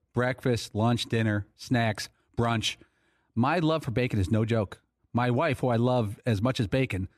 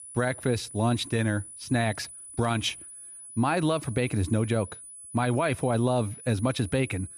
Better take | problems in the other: first | high-pitched whine; noticeable; throughout; 10 kHz, 15 dB below the speech

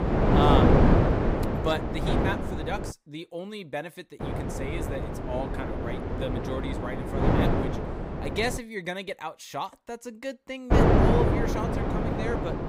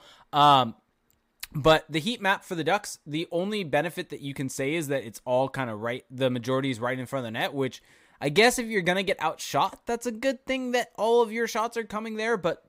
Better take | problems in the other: second | wind noise on the microphone; heavy; until 3 s, from 4 to 8.5 s and from 11 s on; 4 dB above the speech

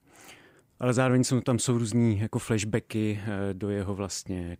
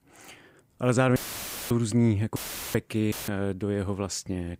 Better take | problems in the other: first | audio cutting out; filled with static; at 1 s for 0.5 s, at 2.5 s and at 3 s

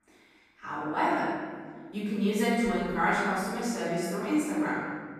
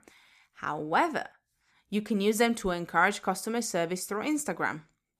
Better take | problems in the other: second | off-mic speech; far // room echo; strong; dies away in 2 s

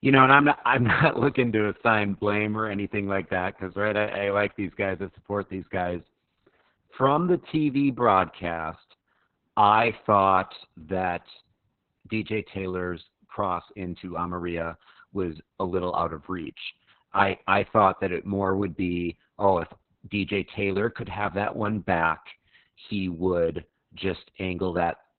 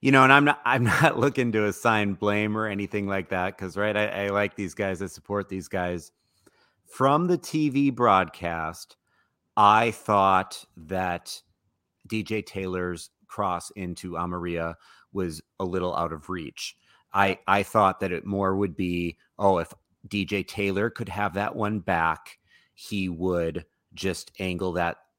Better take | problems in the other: second | garbled, watery; badly; nothing above 4 kHz

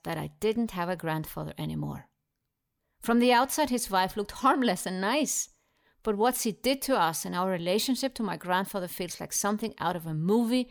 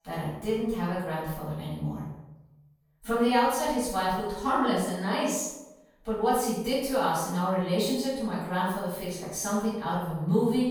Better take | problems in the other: first | off-mic speech; far // room echo; strong; dies away in 0.8 s

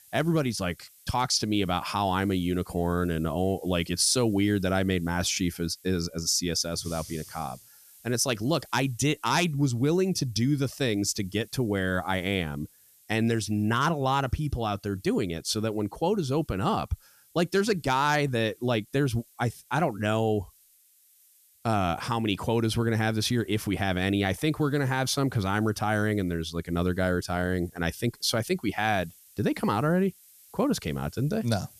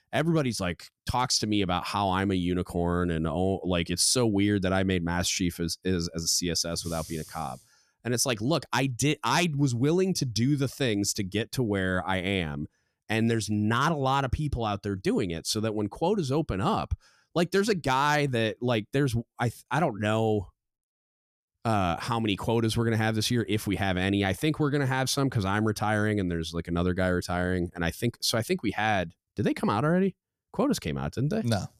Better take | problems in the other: second | hiss; faint; throughout; 25 dB below the speech

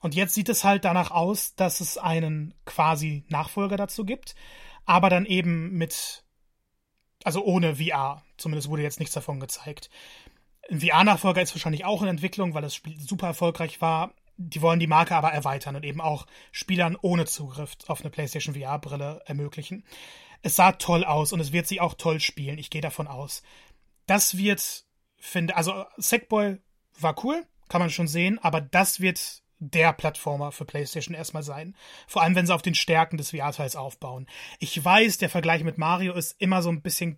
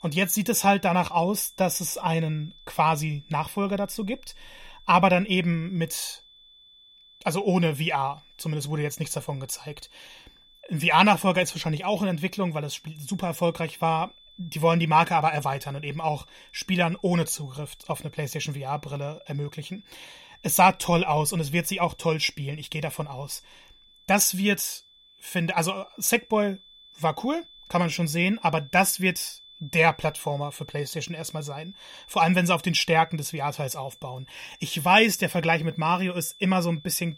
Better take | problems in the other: first | high-pitched whine; faint; throughout; 3.5 kHz, 25 dB below the speech

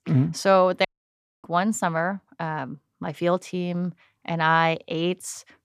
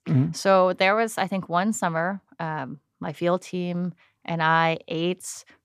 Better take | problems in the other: second | audio cutting out; at 1 s for 0.5 s

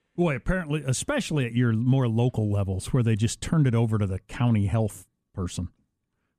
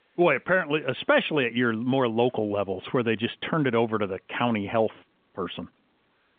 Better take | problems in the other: first | phone-call audio; nothing above 3.5 kHz

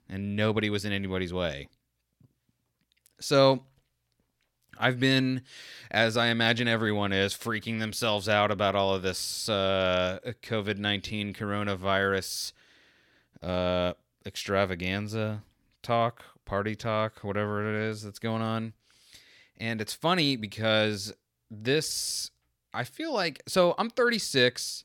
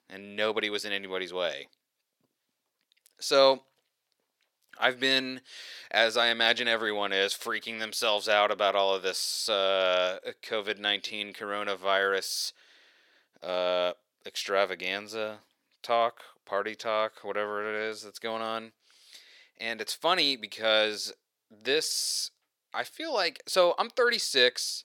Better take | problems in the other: first | thin; somewhat; fading below 500 Hz

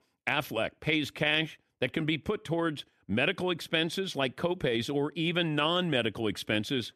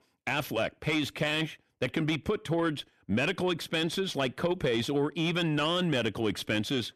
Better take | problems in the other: first | distortion; slight; 10 dB below the speech

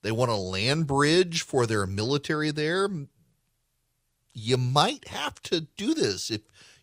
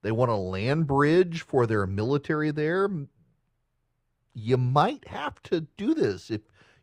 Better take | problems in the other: first | muffled; slightly; fading above 3 kHz

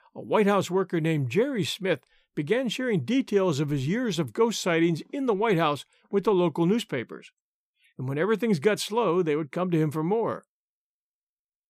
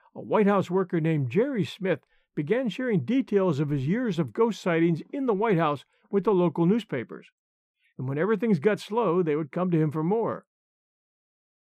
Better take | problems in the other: first | muffled; slightly; fading above 3 kHz

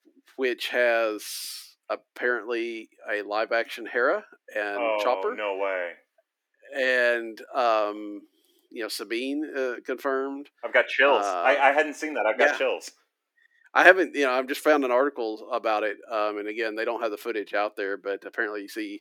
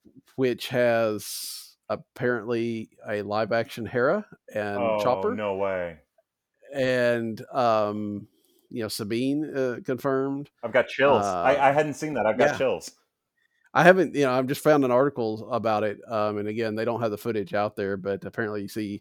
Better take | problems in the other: second | thin; somewhat; fading below 300 Hz

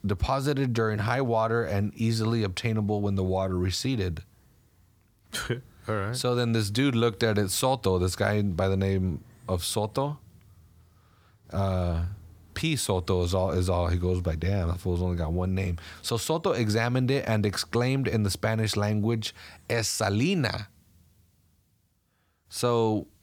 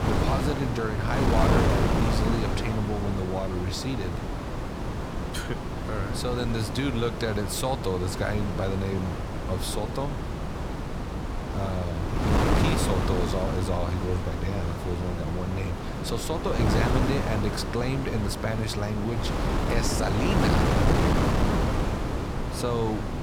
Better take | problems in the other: first | wind noise on the microphone; heavy; 1 dB above the speech

